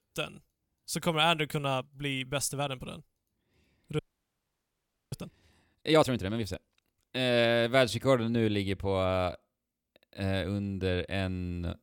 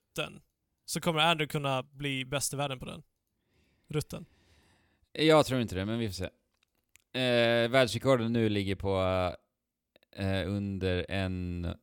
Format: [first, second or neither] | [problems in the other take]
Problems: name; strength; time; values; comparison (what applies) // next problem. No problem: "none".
second | audio freezing; at 4 s for 1 s